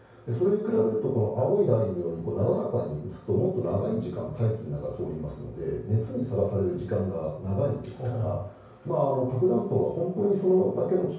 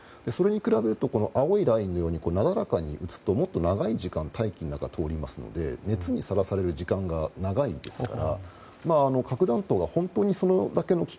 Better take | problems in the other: second | room echo; dies away in 0.6 s

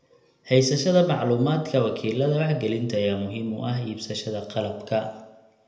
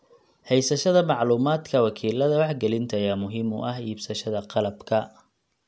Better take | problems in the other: second | room echo; dies away in 0.8 s

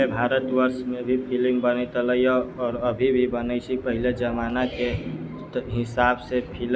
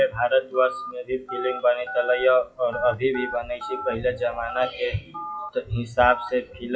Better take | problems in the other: first | noise reduction (classical method WPE with log-MMSE)

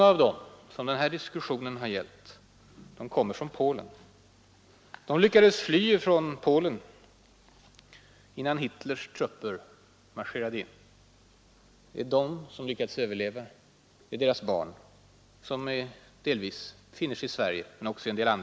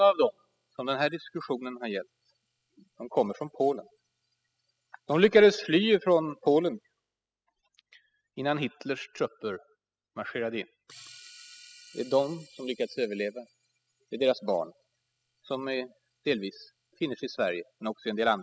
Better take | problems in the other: first | noise reduction (classical method spectral subtraction)

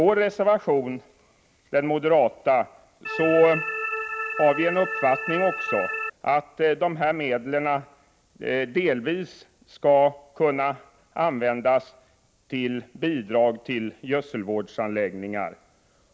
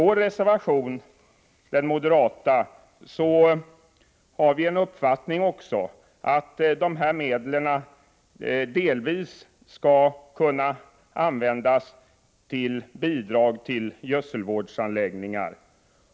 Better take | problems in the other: second | background sound (Organ); 5 dB below the speech

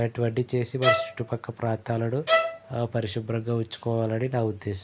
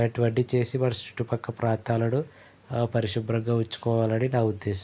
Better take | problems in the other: second | background sound (Bowed string instrument); 1 dB above the speech

